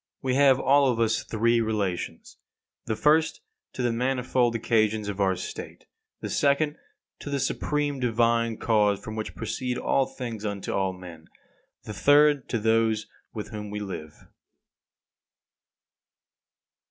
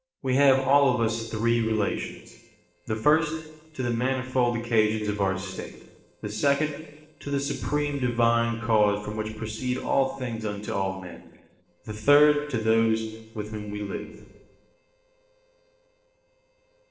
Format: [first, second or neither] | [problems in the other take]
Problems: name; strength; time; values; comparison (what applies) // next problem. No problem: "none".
first | noise reduction (neural separator model SepFormer DNS4)